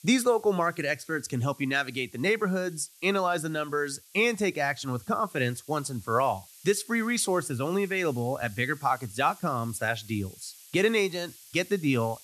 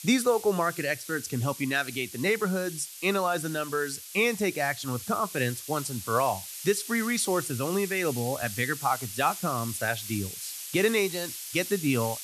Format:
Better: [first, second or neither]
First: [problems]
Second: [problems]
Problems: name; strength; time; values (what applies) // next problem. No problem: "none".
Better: first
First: hiss; faint; throughout; 20 dB below the speech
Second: hiss; loud; throughout; 9 dB below the speech